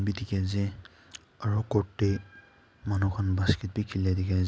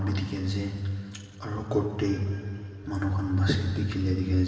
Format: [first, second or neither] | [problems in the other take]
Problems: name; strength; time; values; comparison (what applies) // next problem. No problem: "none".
first | room echo; dies away in 2.6 s